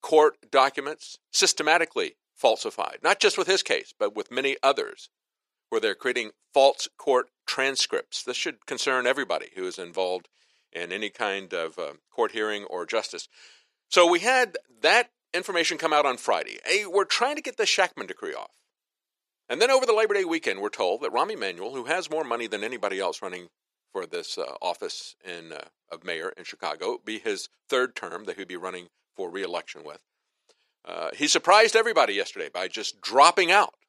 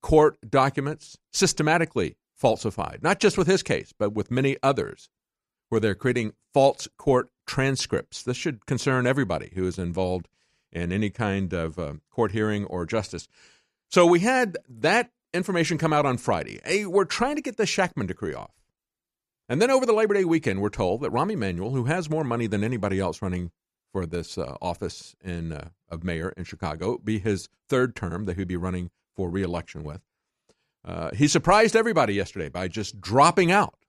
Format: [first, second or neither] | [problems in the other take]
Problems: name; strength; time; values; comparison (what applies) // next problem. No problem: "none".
second | thin; very; fading below 400 Hz